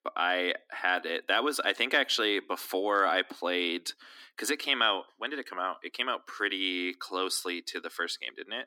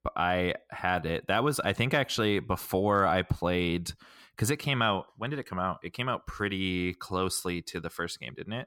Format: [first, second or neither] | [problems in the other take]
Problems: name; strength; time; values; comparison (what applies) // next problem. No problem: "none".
second | thin; somewhat; fading below 250 Hz